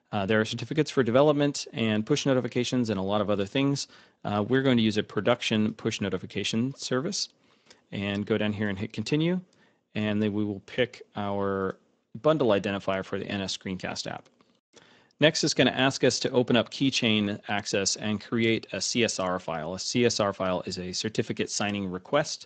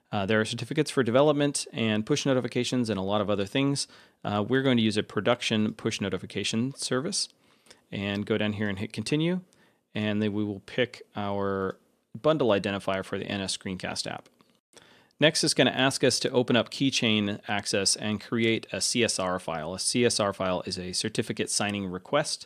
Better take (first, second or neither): second